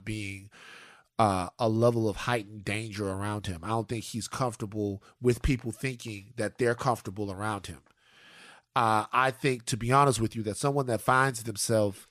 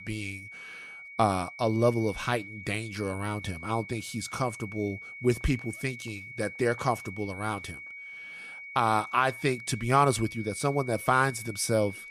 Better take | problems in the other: first | high-pitched whine; noticeable; throughout; 2 kHz, 10 dB below the speech

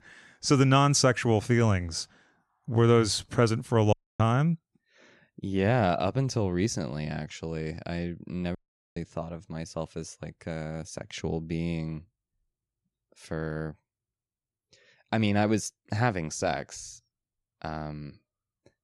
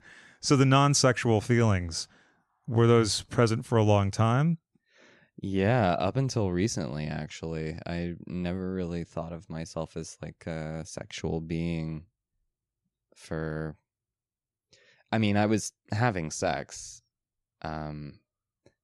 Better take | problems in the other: second | audio cutting out; at 4 s and at 8.5 s

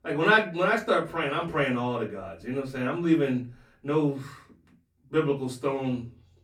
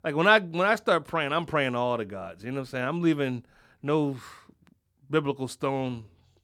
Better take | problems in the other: second | off-mic speech; far // room echo; very slight; dies away in 0.3 s

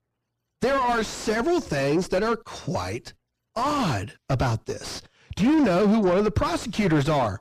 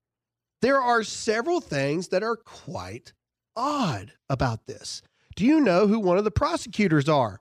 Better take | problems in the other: second | distortion; heavy; 3 dB below the speech

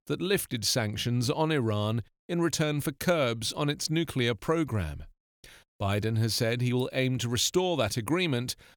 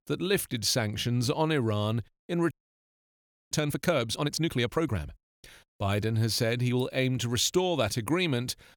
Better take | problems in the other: first | audio freezing; at 2.5 s for 1 s

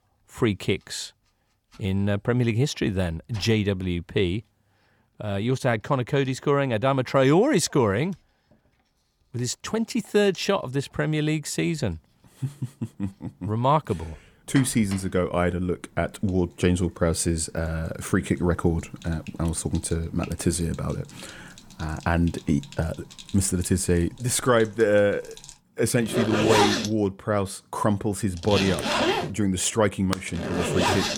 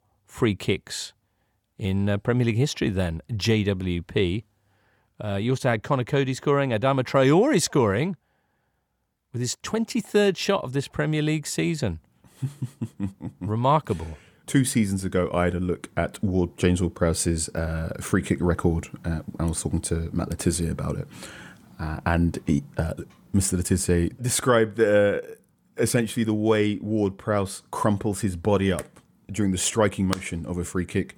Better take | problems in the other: second | household noises; loud; throughout; 3 dB below the speech

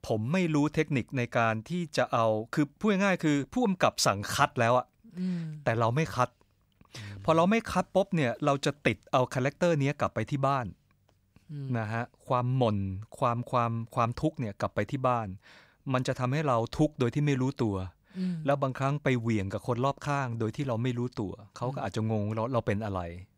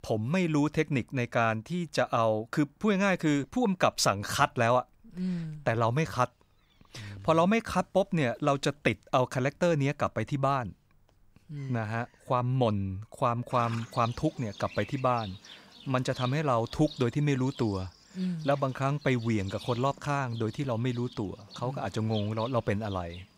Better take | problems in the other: first | animal sounds; noticeable; throughout; 20 dB below the speech

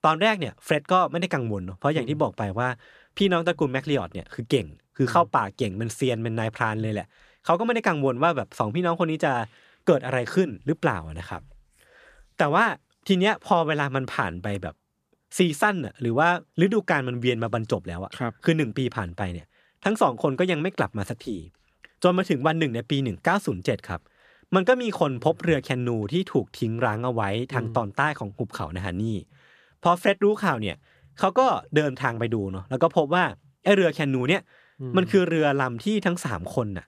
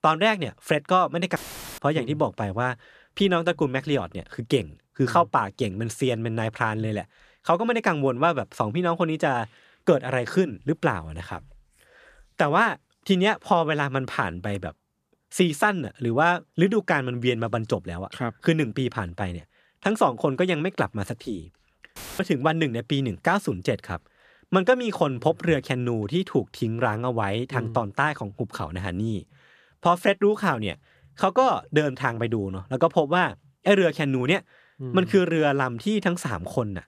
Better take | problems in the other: first | audio cutting out; filled with static; at 1.5 s and at 22 s

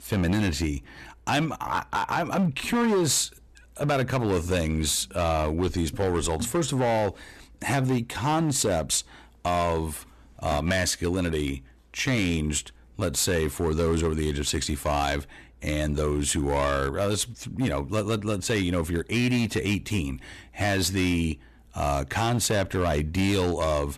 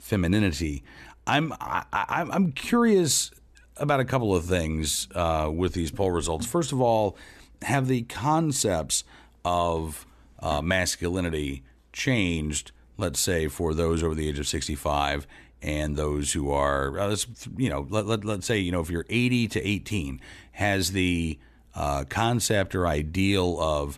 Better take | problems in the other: second | distortion; slight; 10% of the sound clipped

